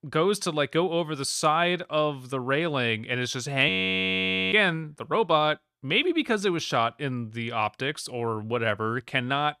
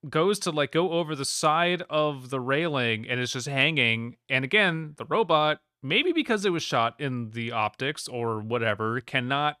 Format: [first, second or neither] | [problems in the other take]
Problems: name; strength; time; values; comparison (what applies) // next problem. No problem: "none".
second | audio freezing; at 3.5 s for 1 s